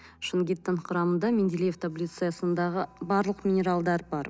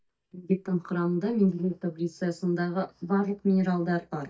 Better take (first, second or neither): first